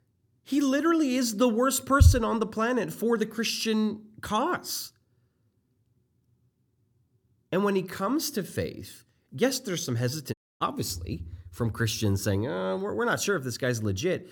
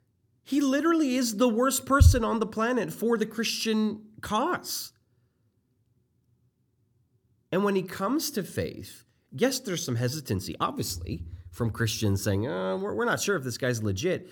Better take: second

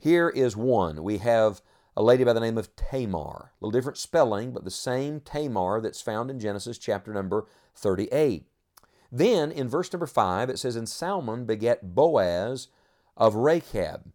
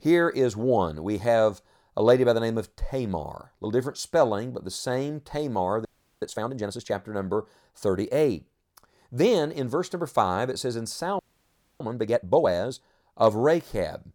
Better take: first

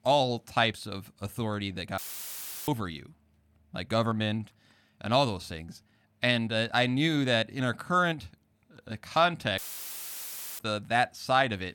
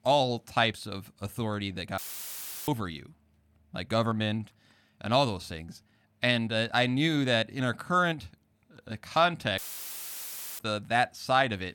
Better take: neither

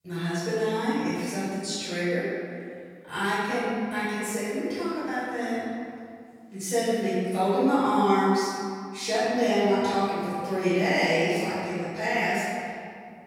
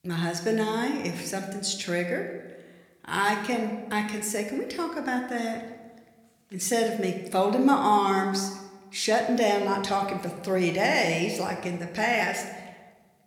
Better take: second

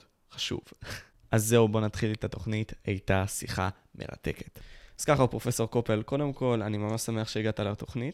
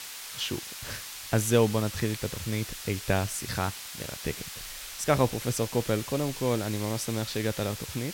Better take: first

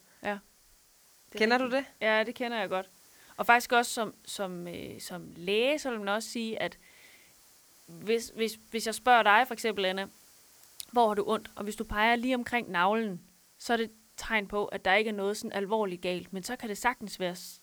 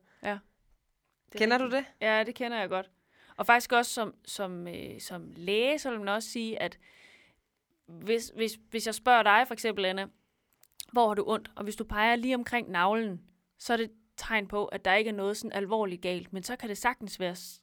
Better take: second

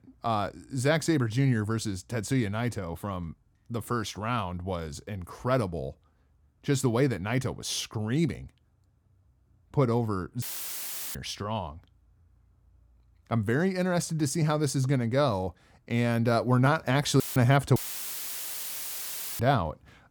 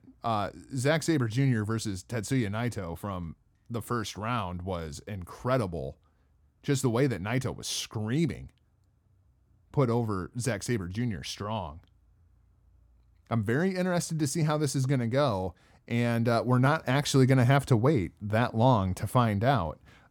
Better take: second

